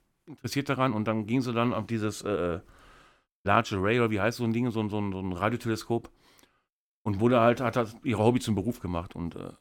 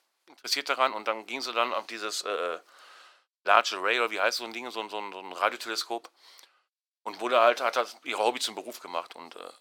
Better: first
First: none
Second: thin; very; fading below 550 Hz

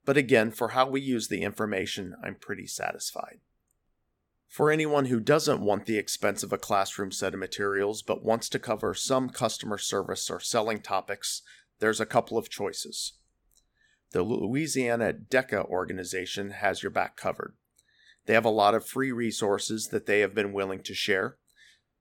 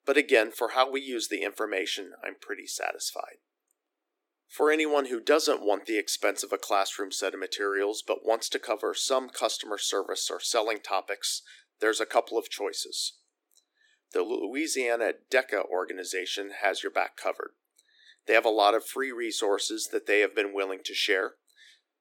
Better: first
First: none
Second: thin; somewhat; fading below 300 Hz

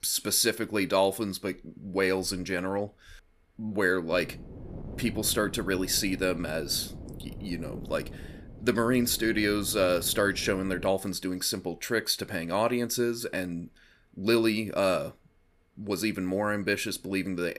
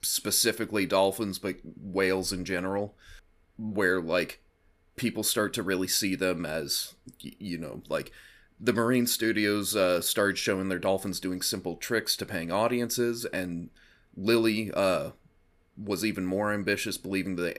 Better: second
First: wind noise on the microphone; occasional gusts; from 4 to 11 s; 20 dB below the speech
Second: none

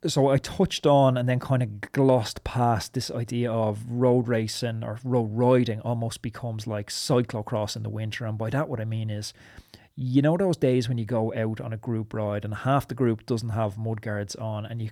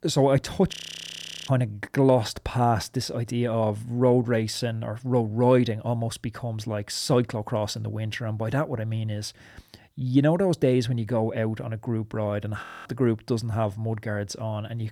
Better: first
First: none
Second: audio freezing; at 0.5 s for 1 s and at 13 s

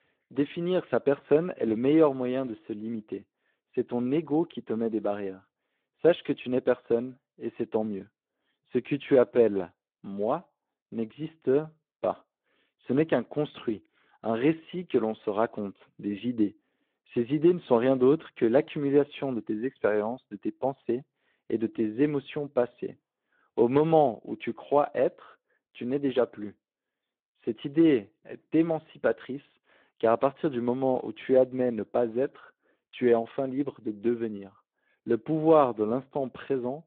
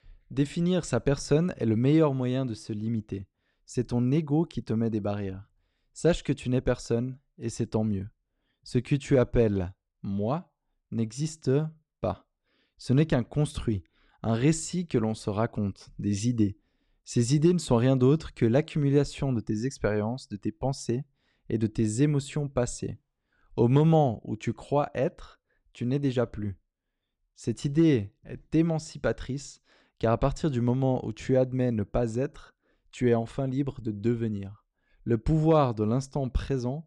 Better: second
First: phone-call audio; nothing above 3.5 kHz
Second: none

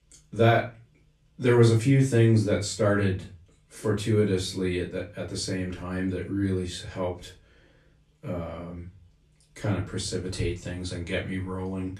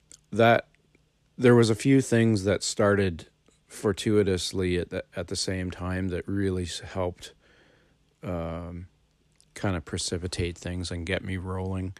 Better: second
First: off-mic speech; far // room echo; slight; dies away in 0.3 s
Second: none

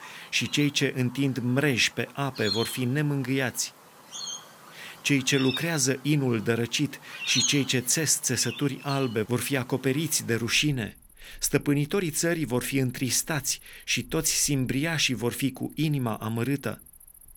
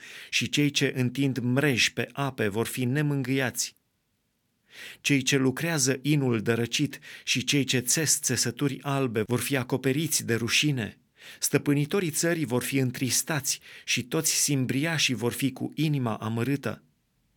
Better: second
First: animal sounds; loud; throughout; 8 dB below the speech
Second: none

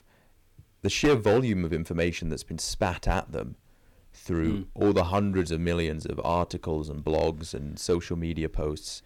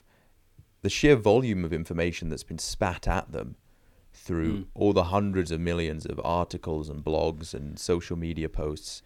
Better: second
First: distortion; slight; 2% of the sound clipped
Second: none

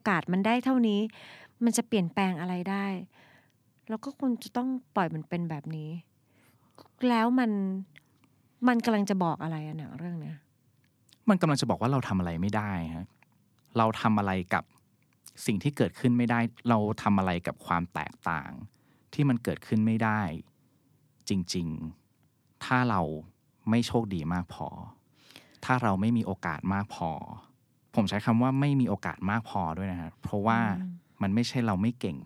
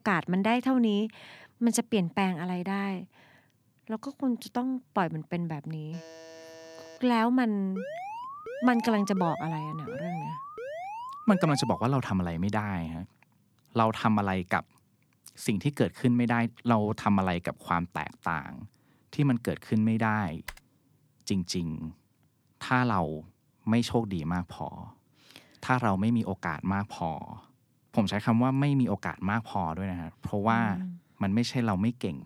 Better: first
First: none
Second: alarm; faint; from 6 to 7 s; peak 20 dB below the speech // alarm; noticeable; from 8 to 12 s; peak 9 dB below the speech // keyboard typing; faint; at 20 s; peak 15 dB below the speech

